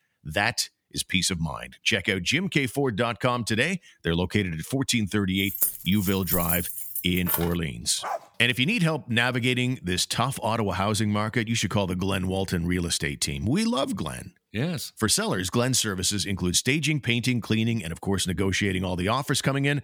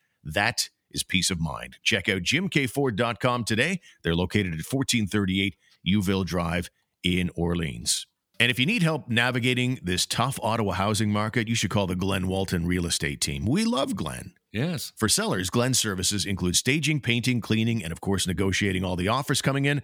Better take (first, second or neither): second